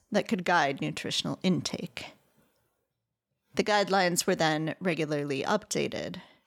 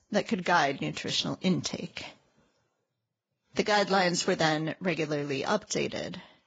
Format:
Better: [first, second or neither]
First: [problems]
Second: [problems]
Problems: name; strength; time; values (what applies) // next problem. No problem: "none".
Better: first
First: none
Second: garbled, watery; badly; nothing above 7.5 kHz